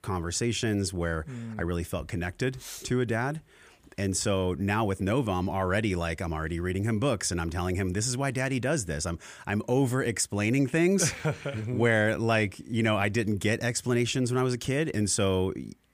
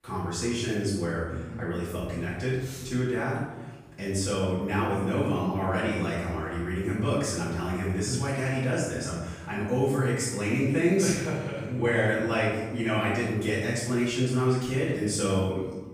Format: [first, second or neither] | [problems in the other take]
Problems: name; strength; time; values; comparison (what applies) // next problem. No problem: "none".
first | off-mic speech; far // room echo; noticeable; dies away in 1 s